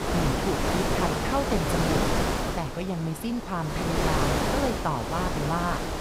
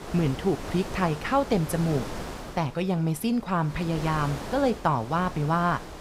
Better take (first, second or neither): second